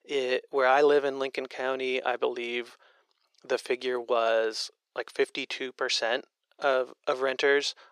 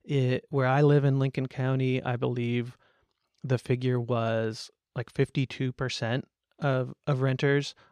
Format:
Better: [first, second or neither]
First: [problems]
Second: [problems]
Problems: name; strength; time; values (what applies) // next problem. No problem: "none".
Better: second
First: thin; very; fading below 400 Hz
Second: none